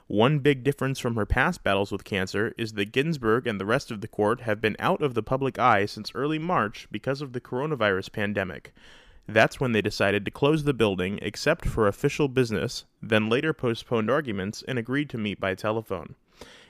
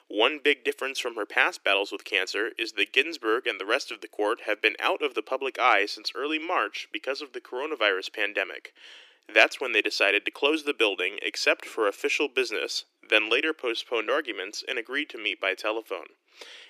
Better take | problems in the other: first | thin; very; fading below 300 Hz

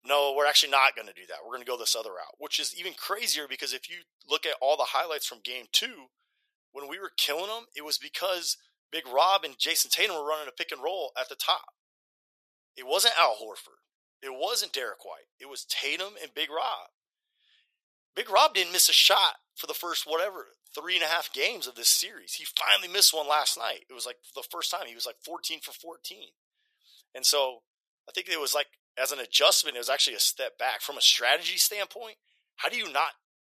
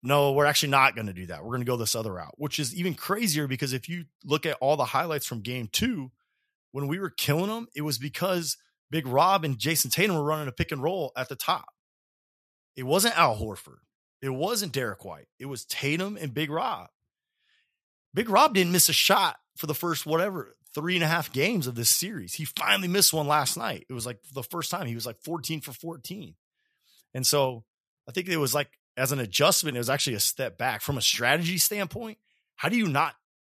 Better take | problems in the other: second | thin; very; fading below 450 Hz

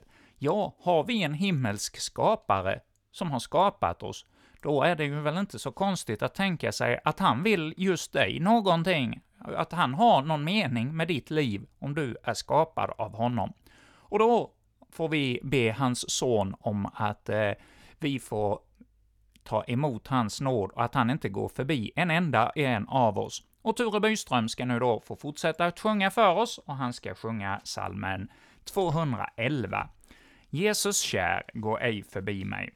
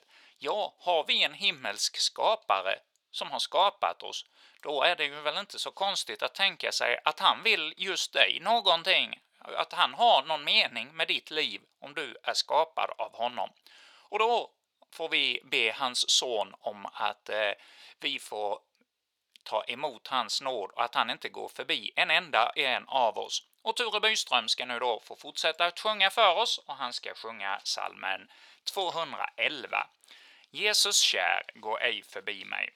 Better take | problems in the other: first | thin; very; fading below 650 Hz

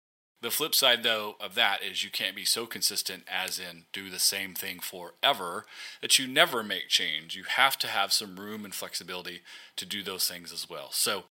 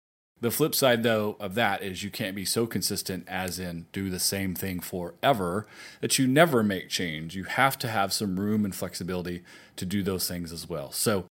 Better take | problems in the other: second | thin; somewhat; fading below 1 kHz

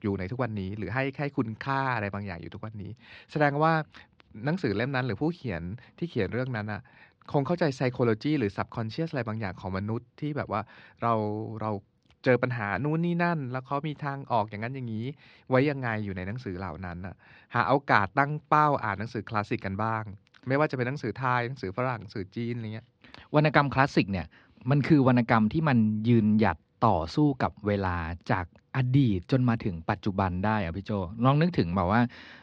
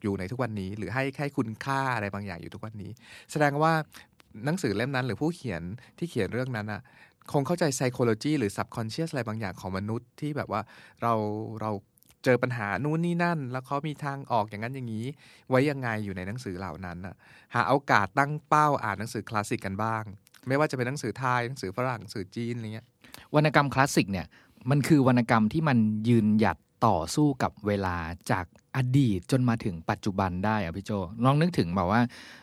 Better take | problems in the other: second | muffled; very slightly; fading above 4.5 kHz

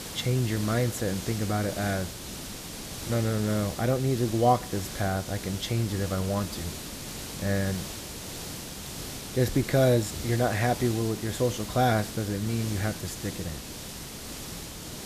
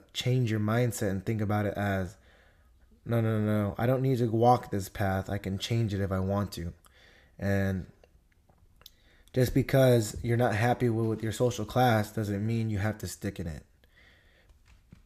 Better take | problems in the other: second | hiss; loud; throughout; 9 dB below the speech

